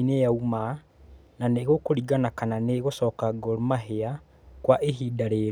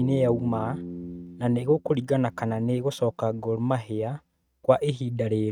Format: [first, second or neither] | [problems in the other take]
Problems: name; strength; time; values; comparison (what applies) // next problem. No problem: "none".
first | noise reduction (neural mask model RNNoise)